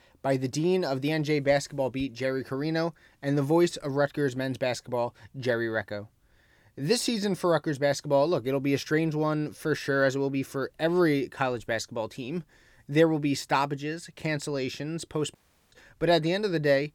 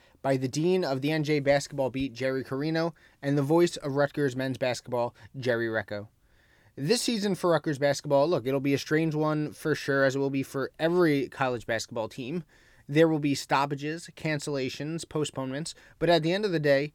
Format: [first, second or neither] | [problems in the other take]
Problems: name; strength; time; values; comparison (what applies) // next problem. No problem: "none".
second | audio cutting out; at 15 s